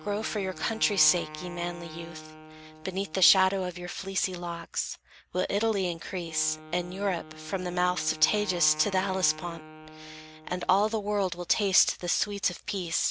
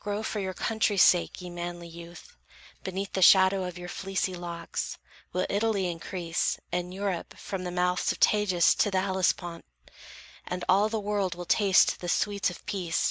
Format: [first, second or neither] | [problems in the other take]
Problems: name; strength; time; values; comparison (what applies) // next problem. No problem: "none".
second | background sound (Wind instrument, woodwind instrument); 17 dB below the speech